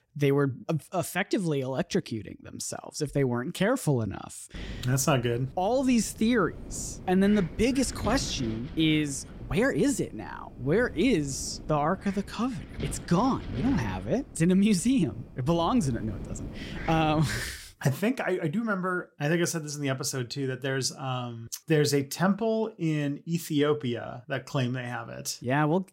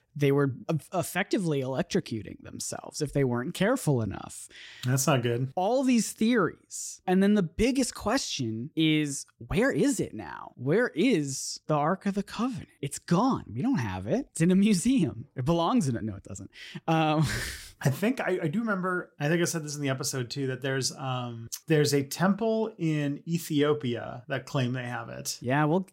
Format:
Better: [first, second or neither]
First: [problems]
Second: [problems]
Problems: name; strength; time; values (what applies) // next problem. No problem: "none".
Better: second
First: wind noise on the microphone; occasional gusts; from 4.5 to 17 s; 15 dB below the speech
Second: none